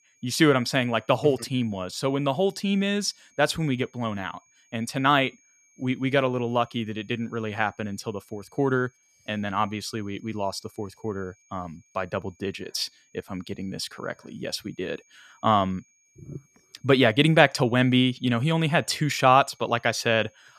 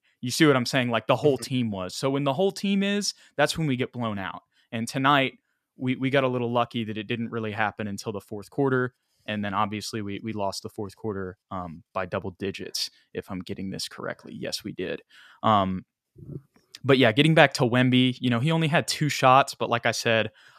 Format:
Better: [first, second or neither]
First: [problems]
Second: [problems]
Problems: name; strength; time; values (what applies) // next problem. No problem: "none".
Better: second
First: high-pitched whine; faint; throughout; 6.5 kHz, 35 dB below the speech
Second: none